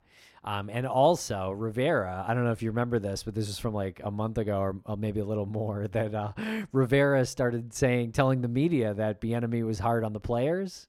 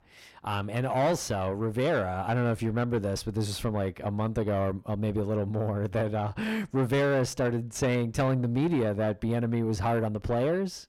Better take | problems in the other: first | distortion; slight; 10 dB below the speech

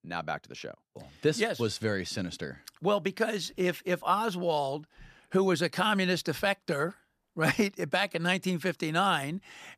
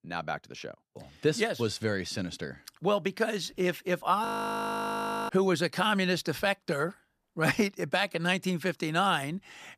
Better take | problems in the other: first | audio freezing; at 4.5 s for 1 s

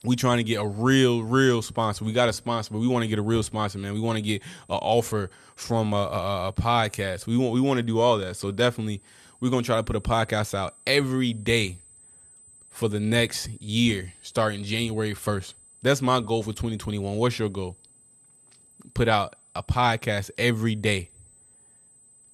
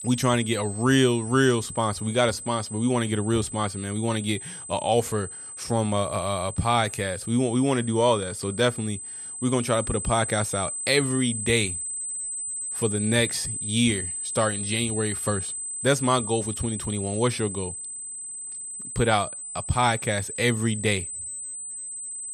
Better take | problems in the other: first | high-pitched whine; loud; throughout; 8 kHz, 6 dB below the speech; faint in the first

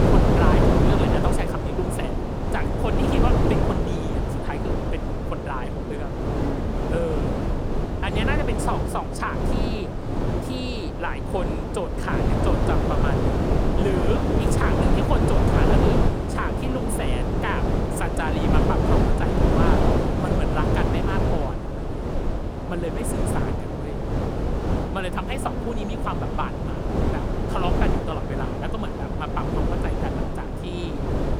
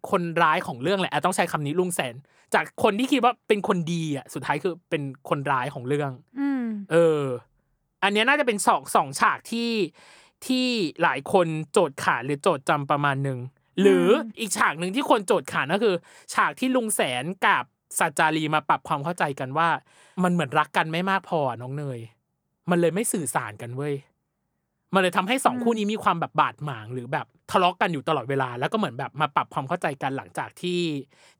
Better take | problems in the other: second | wind noise on the microphone; heavy; 3 dB above the speech

